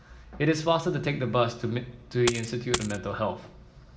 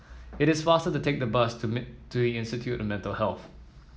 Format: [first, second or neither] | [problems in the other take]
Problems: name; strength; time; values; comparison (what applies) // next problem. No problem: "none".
second | background sound (Coin (dropping)); 5 dB below the speech // room echo; dies away in 2.3 s